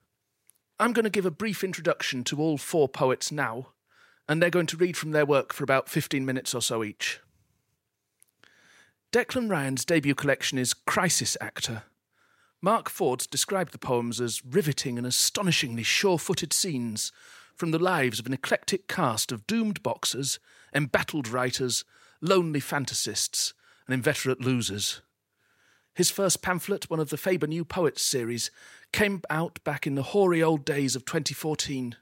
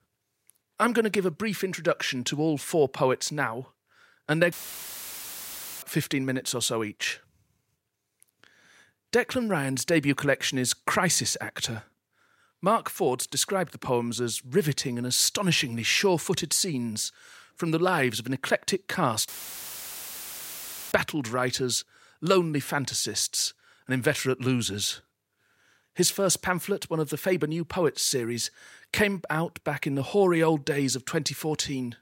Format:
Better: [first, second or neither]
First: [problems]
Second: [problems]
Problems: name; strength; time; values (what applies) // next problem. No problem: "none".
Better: first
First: none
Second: audio cutting out; filled with static; at 4.5 s for 1.5 s and at 19 s for 1.5 s